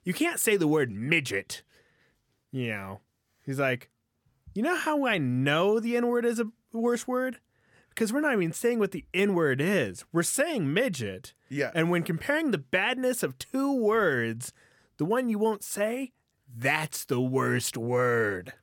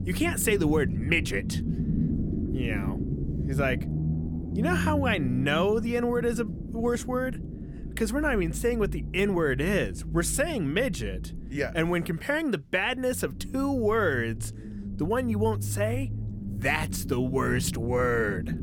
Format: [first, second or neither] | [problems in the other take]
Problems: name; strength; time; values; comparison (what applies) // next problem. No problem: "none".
first | low rumble; noticeable; throughout; 15 dB below the speech